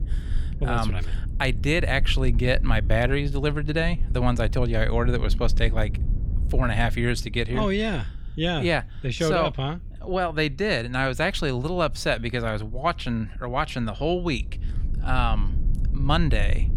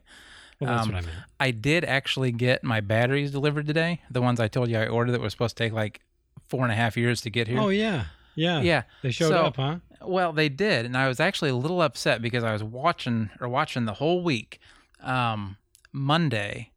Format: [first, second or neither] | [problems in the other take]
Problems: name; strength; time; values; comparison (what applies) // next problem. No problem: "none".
second | low rumble; faint; throughout; 20 dB below the speech